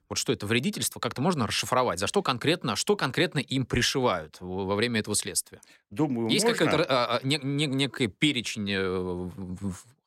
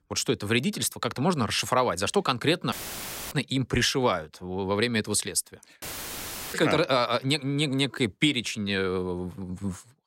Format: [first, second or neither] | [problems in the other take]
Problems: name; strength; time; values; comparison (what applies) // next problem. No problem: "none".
first | audio cutting out; filled with static; at 2.5 s for 0.5 s and at 6 s for 0.5 s